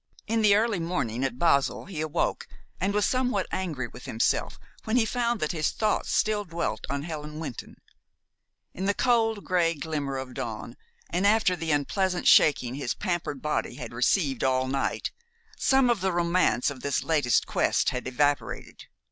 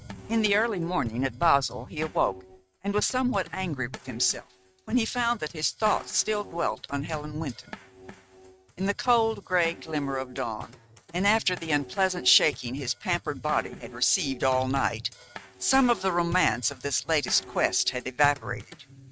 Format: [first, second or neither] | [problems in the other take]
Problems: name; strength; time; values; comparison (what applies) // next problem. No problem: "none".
first | noise reduction (neural mask model RNNoise)